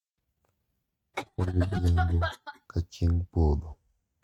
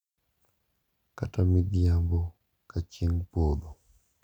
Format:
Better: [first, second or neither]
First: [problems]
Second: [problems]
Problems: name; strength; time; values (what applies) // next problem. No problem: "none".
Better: second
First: noise reduction (neural mask model RNNoise)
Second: none